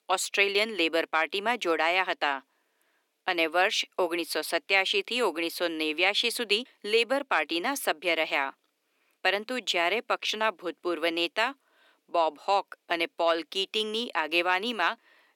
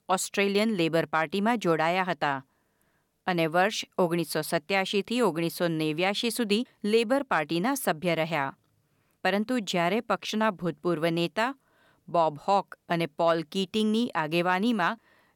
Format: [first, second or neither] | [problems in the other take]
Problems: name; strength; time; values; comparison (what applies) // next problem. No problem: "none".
second | thin; somewhat; fading below 300 Hz